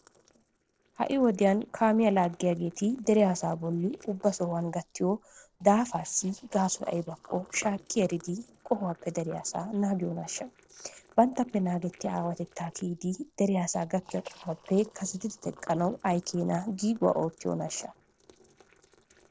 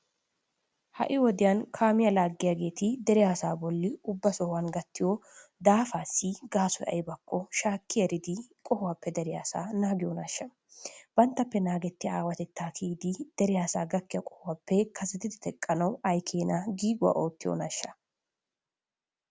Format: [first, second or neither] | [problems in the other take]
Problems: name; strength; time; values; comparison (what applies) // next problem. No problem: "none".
second | noise reduction (neural separator model SepFormer DNS4)